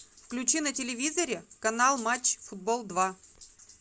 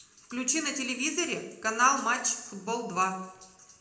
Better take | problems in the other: first | room echo; dies away in 0.7 s

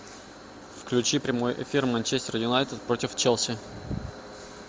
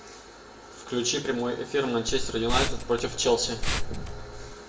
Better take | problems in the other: first | background sound (Liquid); 1 dB below the speech // room echo; dies away in 0.5 s

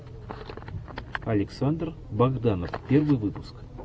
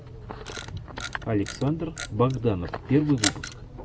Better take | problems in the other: first | background sound (Camera); 10 dB below the speech

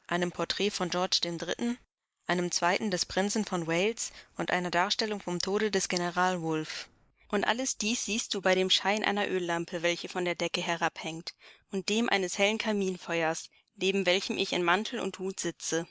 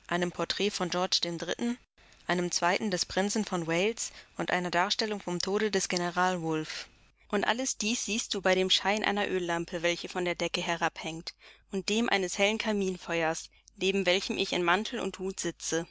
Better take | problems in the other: second | noise reduction (neural mask model Resemble Enhance denoiser)

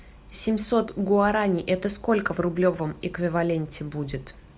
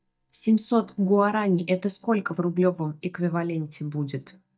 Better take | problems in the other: first | noise reduction (neural mask model DeepFilterNet 3)

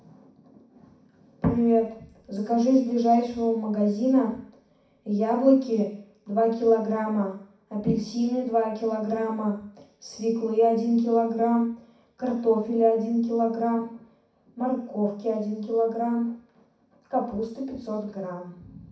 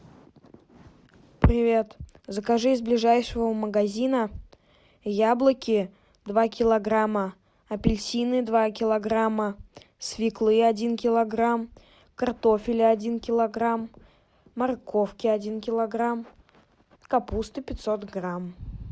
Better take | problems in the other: second | room echo; dies away in 0.6 s

